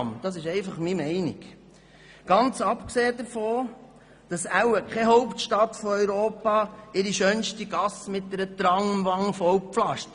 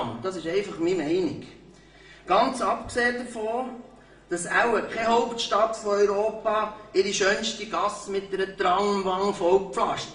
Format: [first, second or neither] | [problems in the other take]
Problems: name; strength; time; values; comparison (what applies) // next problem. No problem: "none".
first | room echo; dies away in 0.5 s